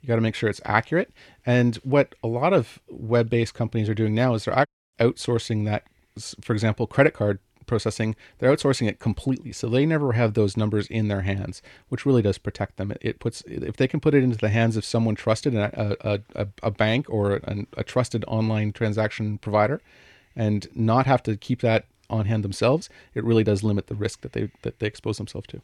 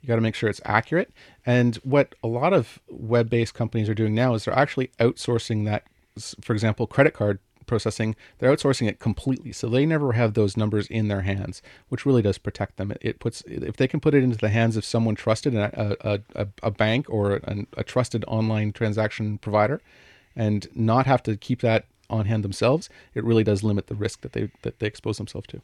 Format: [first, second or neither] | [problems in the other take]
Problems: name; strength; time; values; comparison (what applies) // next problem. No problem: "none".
second | audio cutting out; at 4.5 s